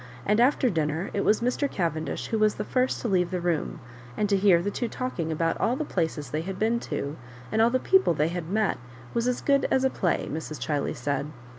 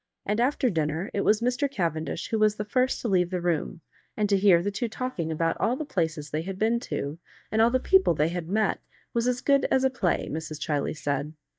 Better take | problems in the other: first | noise reduction (neural mask model DeepFilterNet 3)

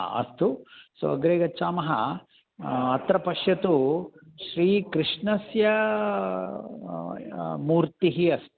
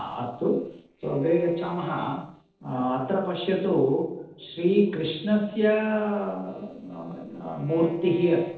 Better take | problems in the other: first | noise reduction (neural separator model SepFormer DNS4)

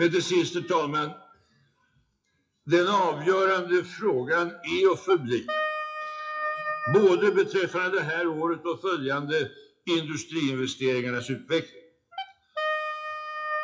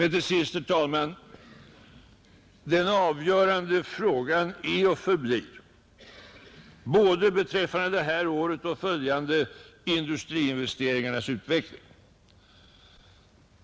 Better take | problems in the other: second | noise reduction (classical method WPE with log-MMSE)

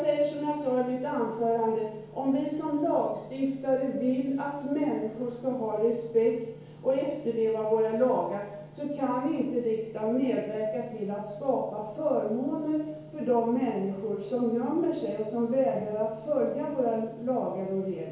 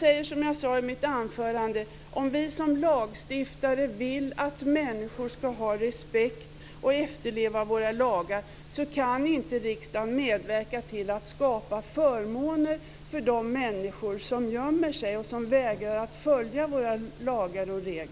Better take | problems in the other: second | room echo; dies away in 1 s

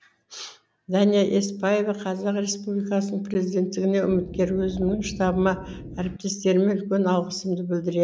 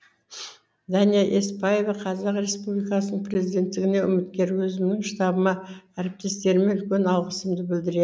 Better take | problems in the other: second | background sound (Wind instrument, woodwind instrument); 13 dB below the speech

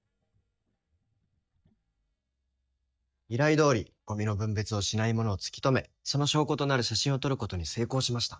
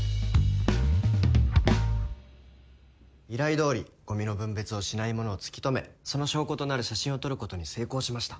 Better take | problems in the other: second | noise reduction (neural mask model DeepFilterNet 3)

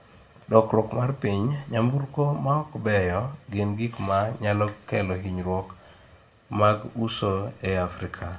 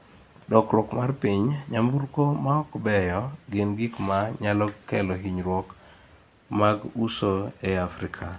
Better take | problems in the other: second | room echo; dies away in 0.3 s

